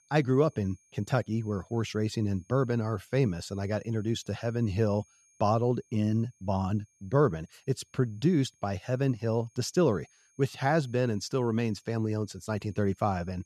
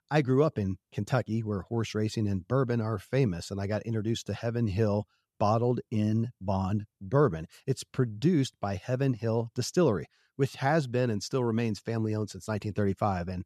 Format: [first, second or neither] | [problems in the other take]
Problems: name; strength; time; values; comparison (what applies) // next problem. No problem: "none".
second | high-pitched whine; faint; throughout; 6.5 kHz, 35 dB below the speech